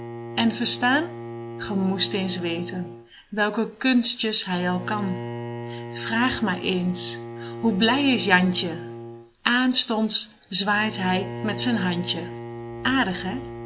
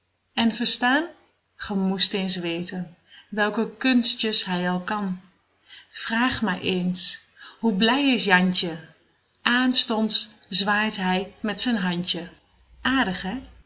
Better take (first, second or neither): second